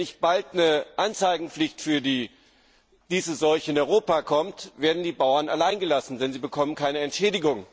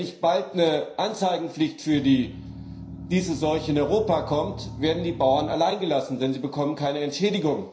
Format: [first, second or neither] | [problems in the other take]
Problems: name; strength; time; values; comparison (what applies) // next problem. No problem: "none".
first | background sound (Engine); 12 dB below the speech // room echo; dies away in 0.5 s